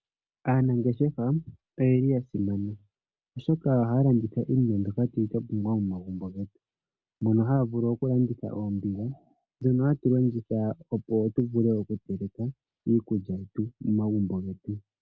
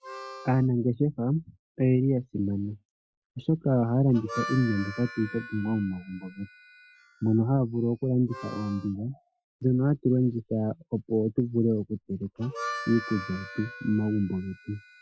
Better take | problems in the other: first | noise reduction (classical method Wiener filter)

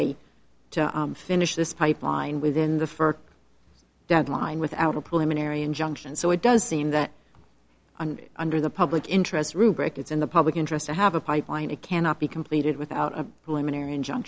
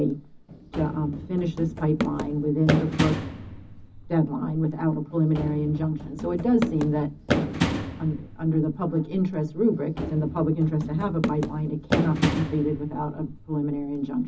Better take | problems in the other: first | background sound (Run); 5 dB below the speech // room echo; dies away in 0.4 s

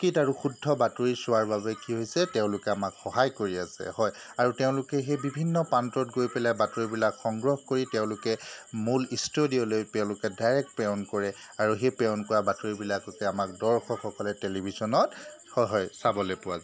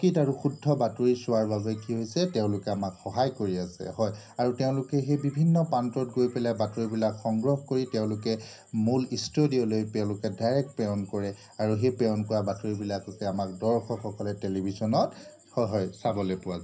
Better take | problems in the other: first | room echo; dies away in 0.4 s

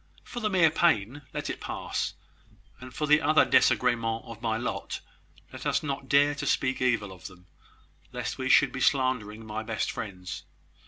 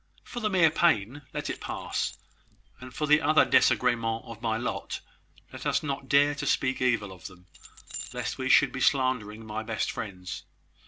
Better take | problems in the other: first | noise reduction (neural separator model SepFormer DNS4)

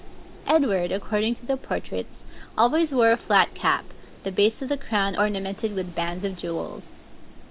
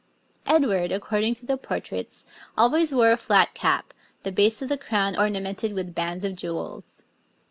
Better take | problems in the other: second | background sound (Wind); 13 dB below the speech

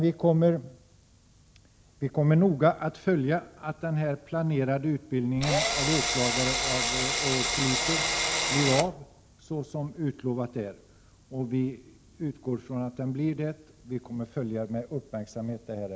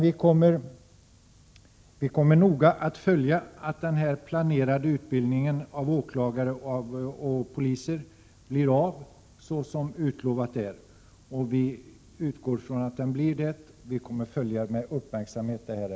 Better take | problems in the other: second | background sound (Drill); 1 dB above the speech

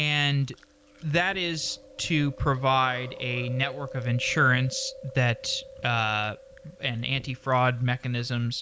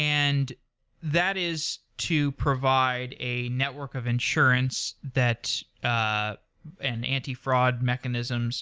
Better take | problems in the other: second | background sound (Chewing, mastication); 18 dB below the speech

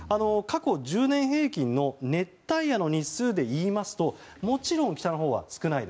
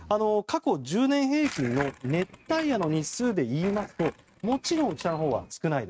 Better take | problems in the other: first | noise reduction (neural mask model RNNoise)

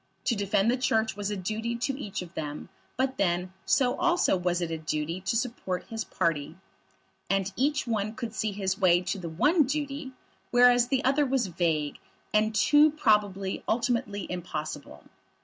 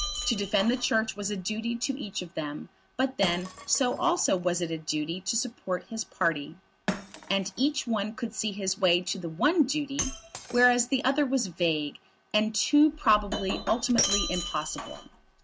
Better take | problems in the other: first | background sound (Shatter); 10 dB below the speech

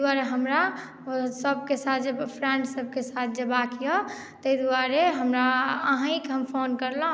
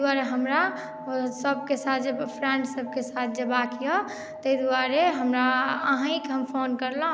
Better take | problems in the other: first | background sound (Alarm); 15 dB below the speech

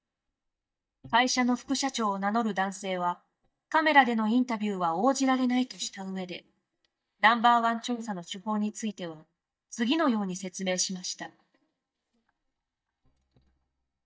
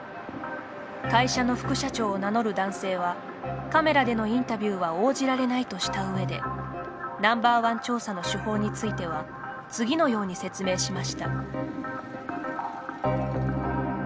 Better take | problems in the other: second | noise reduction (neural mask model DeepFilterNet 3)

